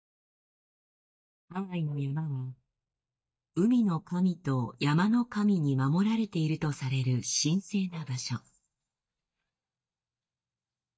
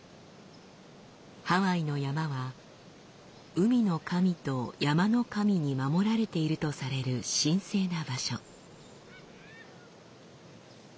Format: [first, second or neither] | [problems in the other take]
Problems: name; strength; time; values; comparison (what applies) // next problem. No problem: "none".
second | noise reduction (neural mask model DeepFilterNet 3)